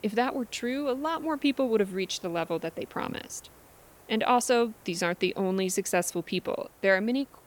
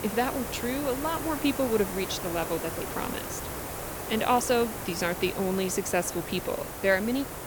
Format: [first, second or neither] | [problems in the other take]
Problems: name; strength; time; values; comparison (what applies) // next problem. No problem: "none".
first | hiss; loud; throughout; 6 dB below the speech; faint in the first